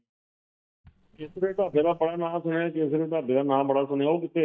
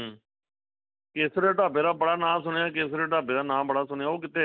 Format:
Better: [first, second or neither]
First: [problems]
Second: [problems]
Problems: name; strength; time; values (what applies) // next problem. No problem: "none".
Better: second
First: noise reduction (neural mask model DeepFilterNet 3)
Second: none